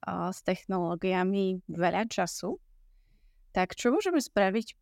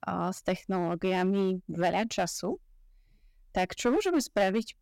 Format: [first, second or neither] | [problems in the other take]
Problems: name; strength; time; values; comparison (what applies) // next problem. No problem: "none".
first | distortion; slight; 3% of the sound clipped